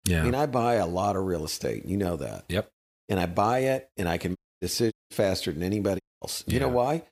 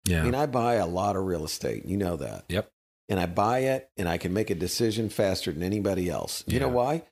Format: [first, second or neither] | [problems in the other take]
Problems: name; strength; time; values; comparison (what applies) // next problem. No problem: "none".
second | audio cutting out; at 4.5 s, at 5 s and at 6 s